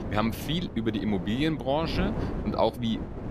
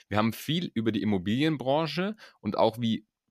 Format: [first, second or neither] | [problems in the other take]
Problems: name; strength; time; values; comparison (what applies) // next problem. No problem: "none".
second | wind noise on the microphone; heavy; 10 dB below the speech